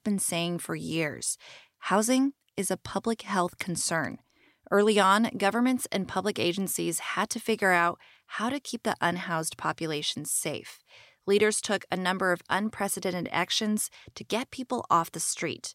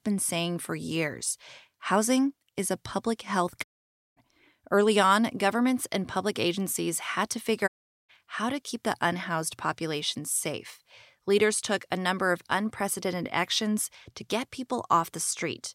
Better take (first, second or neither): first